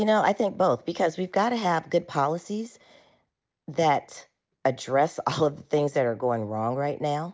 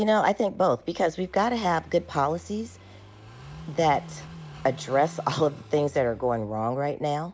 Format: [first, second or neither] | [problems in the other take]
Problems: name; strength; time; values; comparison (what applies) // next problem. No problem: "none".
first | background sound (Car passing by / Idling); 19 dB below the speech